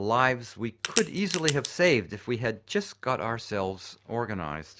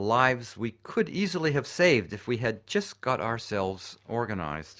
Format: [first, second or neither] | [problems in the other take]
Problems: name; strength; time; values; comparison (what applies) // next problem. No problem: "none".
second | background sound (Crack); 5 dB below the speech